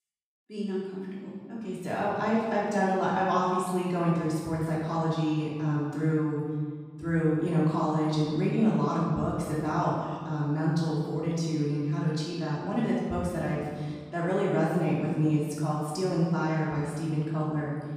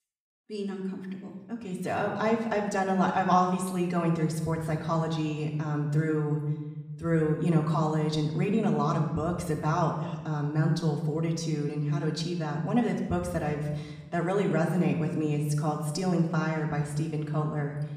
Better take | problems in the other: second | room echo; strong; dies away in 1.5 s; slight in the second // off-mic speech; far; far in the second

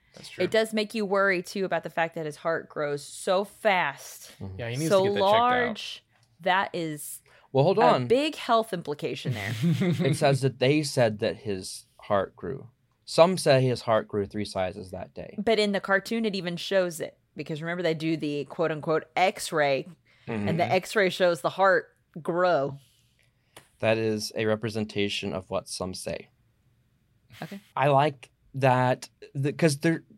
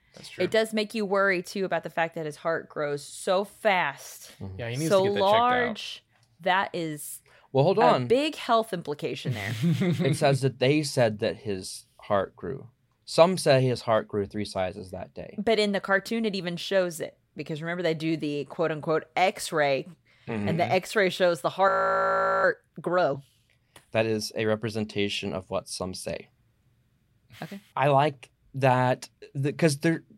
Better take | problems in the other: first | audio freezing; at 22 s for 1 s

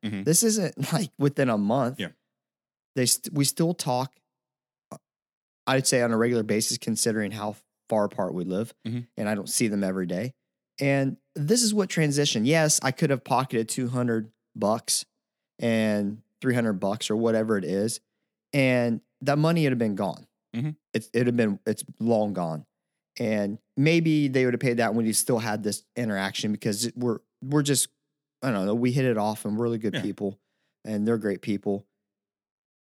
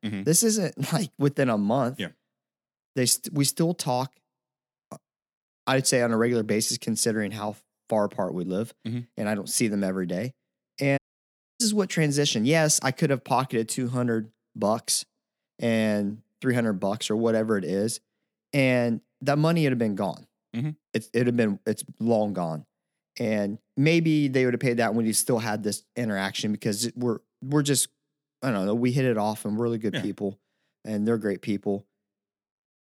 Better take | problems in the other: first | audio cutting out; at 11 s for 0.5 s

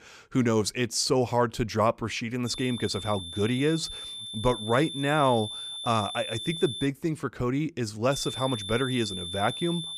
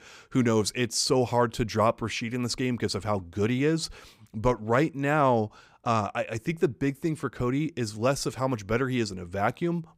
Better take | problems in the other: second | high-pitched whine; loud; from 2.5 to 7 s and from 8 s on; 3.5 kHz, 7 dB below the speech

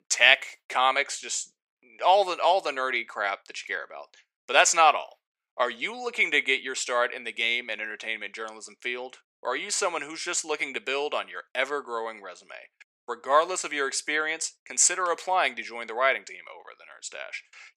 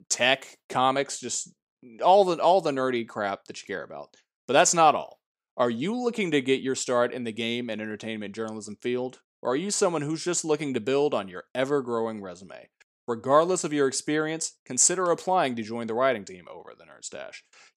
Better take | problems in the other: second | thin; very; fading below 550 Hz

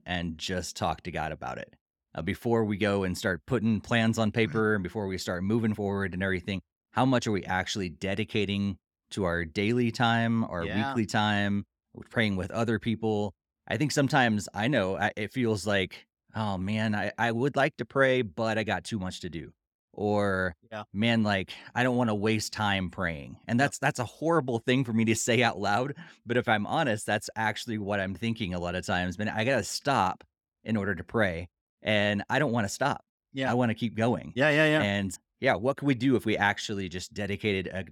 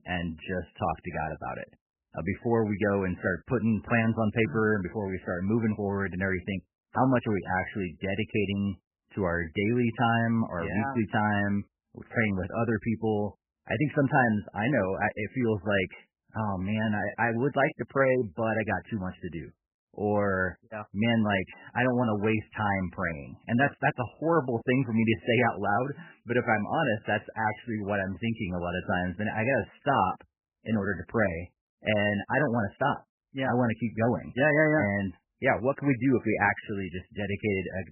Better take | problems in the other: first | garbled, watery; badly; nothing above 3 kHz

